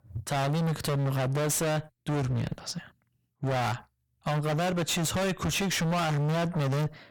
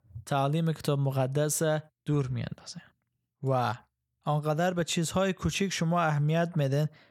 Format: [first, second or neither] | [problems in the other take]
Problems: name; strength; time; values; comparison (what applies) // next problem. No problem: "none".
second | distortion; heavy; 40% of the sound clipped